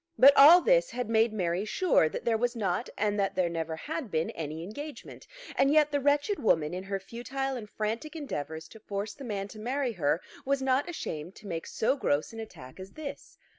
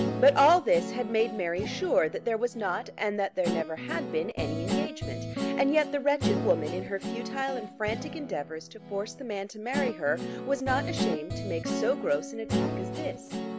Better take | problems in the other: first | background sound (Guitar); 4 dB below the speech

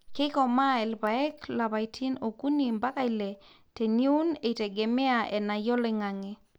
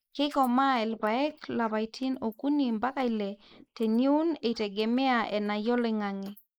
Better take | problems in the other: first | noise reduction (neural mask model Resemble Enhance denoiser)

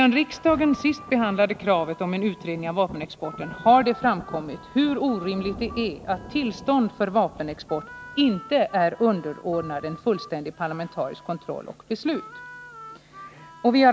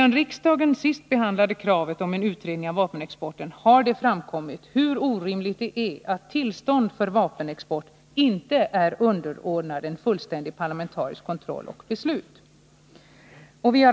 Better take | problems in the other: second | background sound (Thunder + Harmonica); 17 dB below the speech

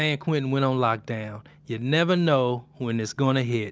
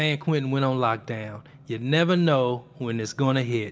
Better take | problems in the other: first | room echo; dies away in 0.4 s

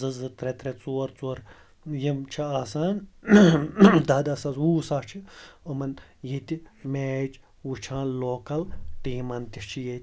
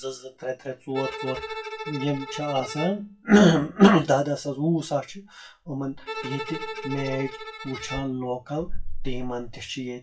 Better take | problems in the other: first | noise reduction (classical method WPE with log-MMSE)

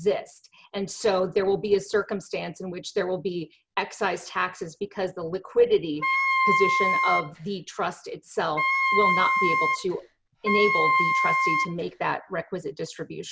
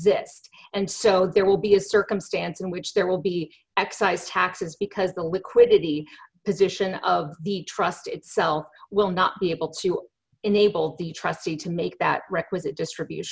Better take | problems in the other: second | background sound (Wind instrument, woodwind instrument); 4 dB above the speech

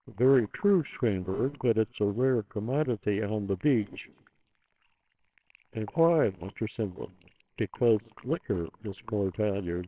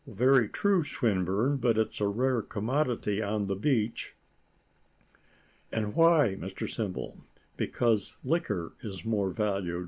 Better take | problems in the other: second | noise reduction (neural separator model SepFormer WHAMR!)

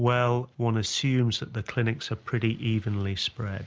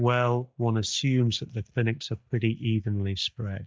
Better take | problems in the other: first | noise reduction (neural mask model DeepFilterNet 3)

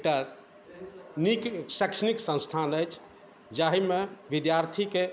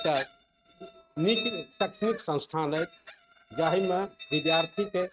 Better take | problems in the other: first | noise reduction (neural mask model RNNoise)

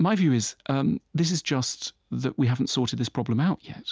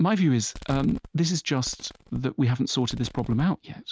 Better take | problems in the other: first | noise reduction (neural mask model RNNoise)

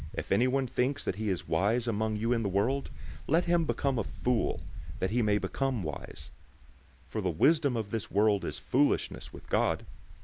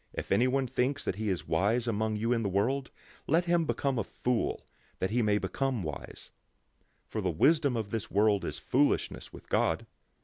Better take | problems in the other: second | background sound (Wind); 10 dB below the speech

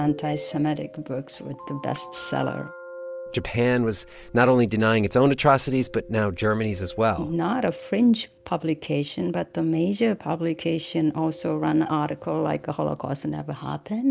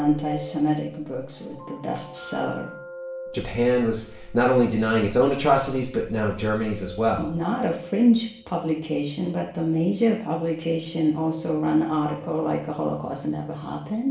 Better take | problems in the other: first | room echo; dies away in 0.6 s

